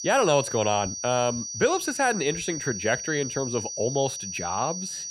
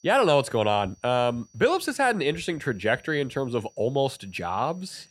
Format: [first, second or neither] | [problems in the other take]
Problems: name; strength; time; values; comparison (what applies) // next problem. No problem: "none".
second | high-pitched whine; loud; throughout; 6 kHz, 6 dB below the speech; faint in the second